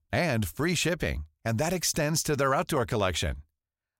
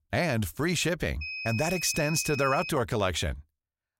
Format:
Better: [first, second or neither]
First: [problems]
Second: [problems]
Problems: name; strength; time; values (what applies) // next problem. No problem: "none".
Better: first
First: none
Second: high-pitched whine; loud; from 1 to 2.5 s; 2.5 kHz, 7 dB below the speech